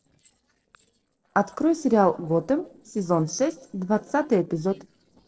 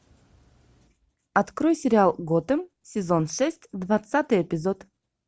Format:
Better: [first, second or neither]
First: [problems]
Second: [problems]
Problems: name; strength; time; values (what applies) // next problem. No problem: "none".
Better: second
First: noise reduction (neural separator model SepFormer DNS4)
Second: none